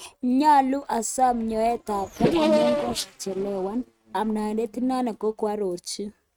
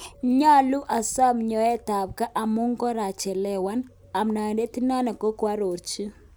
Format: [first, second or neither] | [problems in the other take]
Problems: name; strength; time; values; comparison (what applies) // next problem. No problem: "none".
second | noise reduction (neural mask model RNNoise)